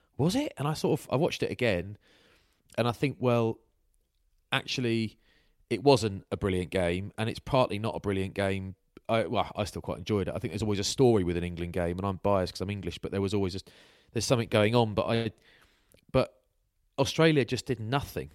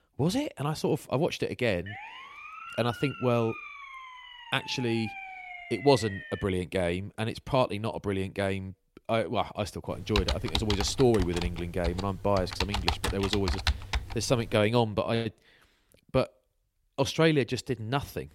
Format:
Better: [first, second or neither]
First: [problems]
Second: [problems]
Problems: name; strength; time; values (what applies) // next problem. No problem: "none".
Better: first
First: none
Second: siren; faint; from 2 to 6.5 s; peak 10 dB below the speech // keyboard typing; noticeable; from 10 to 15 s; peak level with the speech